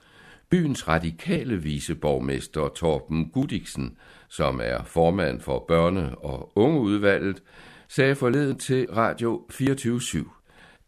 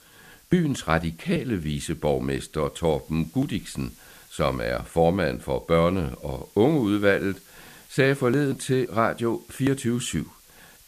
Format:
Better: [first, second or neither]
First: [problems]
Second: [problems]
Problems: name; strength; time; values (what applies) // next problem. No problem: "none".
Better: first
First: none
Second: hiss; faint; throughout; 25 dB below the speech